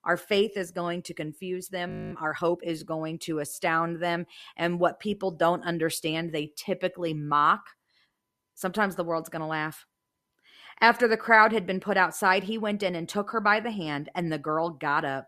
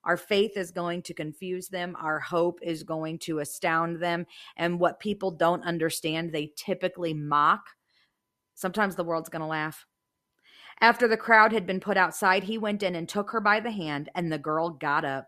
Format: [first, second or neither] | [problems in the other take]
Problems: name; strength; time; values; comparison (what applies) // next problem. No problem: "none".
second | audio freezing; at 2 s